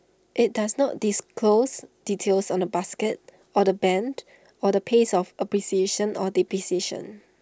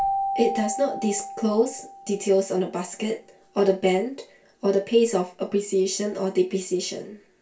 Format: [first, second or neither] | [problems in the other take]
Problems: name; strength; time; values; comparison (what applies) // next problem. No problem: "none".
first | background sound (Keyboard (musical)); 10 dB below the speech // room echo; dies away in 0.3 s